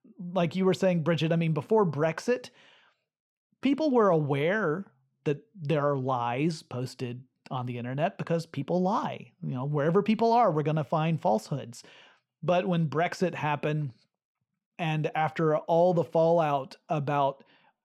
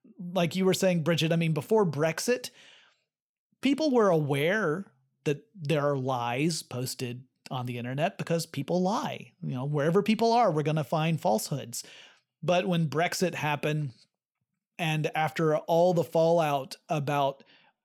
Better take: second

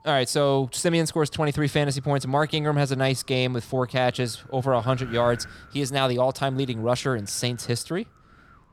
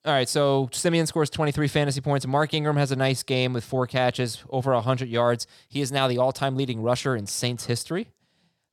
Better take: second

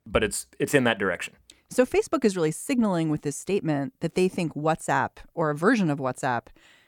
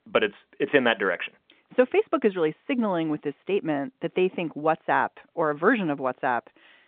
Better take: first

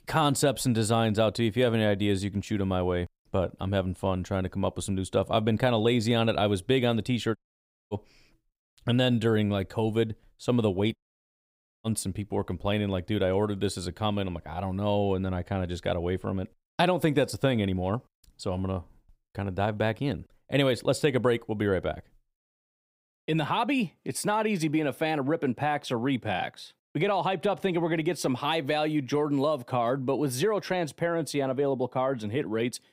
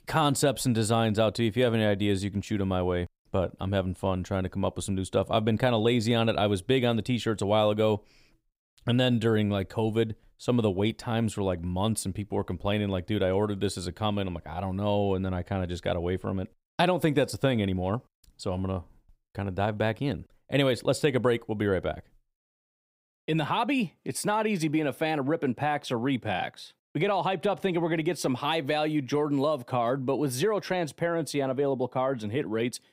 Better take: second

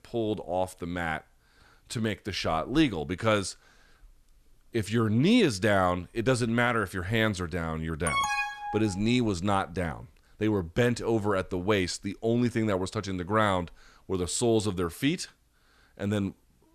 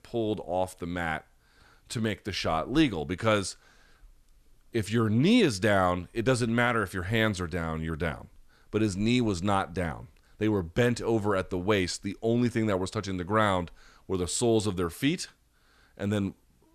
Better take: second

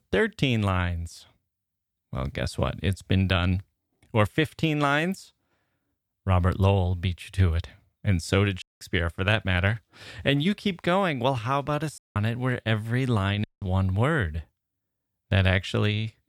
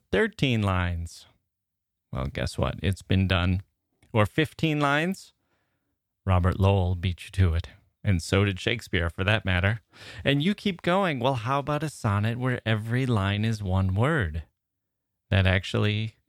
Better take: second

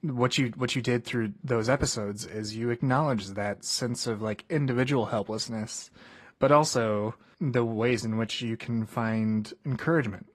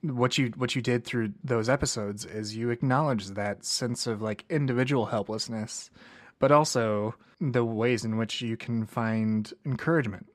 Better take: second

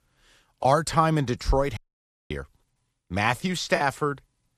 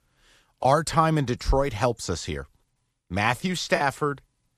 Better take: second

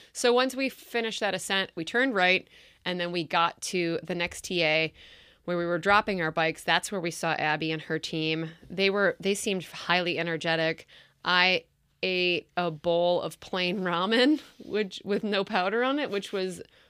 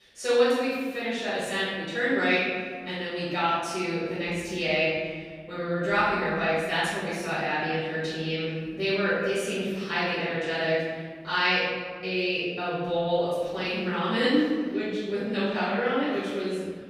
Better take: first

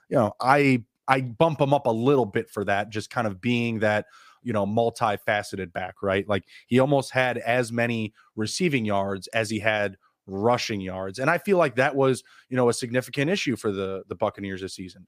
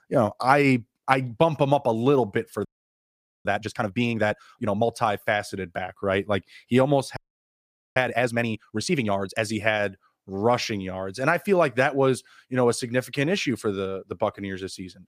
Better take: first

